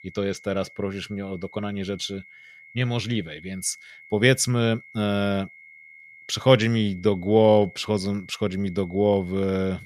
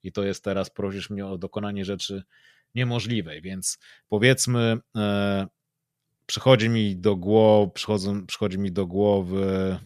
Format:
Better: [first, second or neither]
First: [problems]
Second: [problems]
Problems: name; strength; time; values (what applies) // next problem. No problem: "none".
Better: second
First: high-pitched whine; faint; throughout; 2 kHz, 20 dB below the speech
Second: none